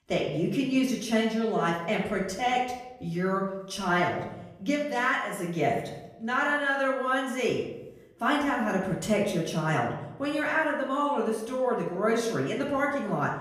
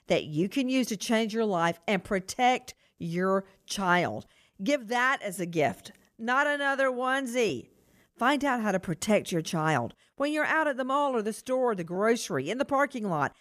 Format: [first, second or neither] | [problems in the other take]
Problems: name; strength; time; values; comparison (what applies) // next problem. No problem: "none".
second | off-mic speech; far // room echo; noticeable; dies away in 0.8 s